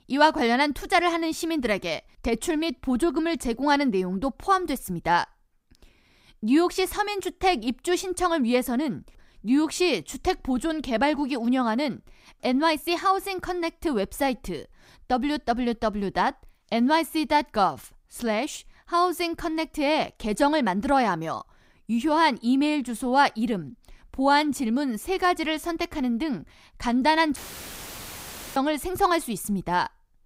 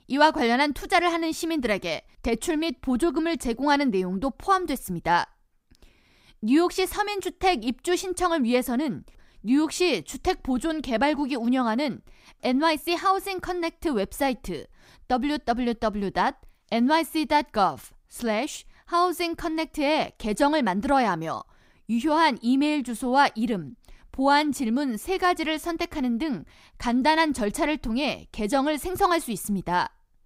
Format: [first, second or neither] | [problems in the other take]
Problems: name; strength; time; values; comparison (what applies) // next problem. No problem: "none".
second | audio cutting out; filled with static; at 27 s for 1 s